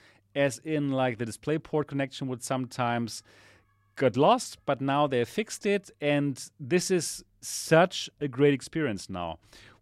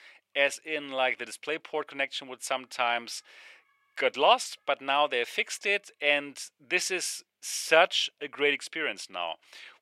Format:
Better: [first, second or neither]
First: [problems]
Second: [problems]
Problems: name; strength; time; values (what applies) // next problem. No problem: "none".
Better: first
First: none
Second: thin; very; fading below 650 Hz